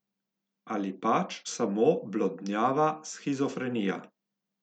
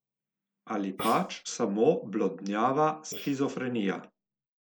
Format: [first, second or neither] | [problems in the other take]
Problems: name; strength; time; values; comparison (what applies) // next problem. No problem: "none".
first | noise reduction (neural mask model Resemble Enhance denoiser)